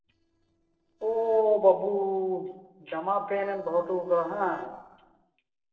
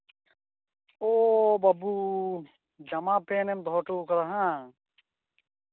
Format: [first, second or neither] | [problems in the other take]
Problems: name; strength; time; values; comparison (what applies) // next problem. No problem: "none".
second | noise reduction (neural separator model SepFormer DNS4)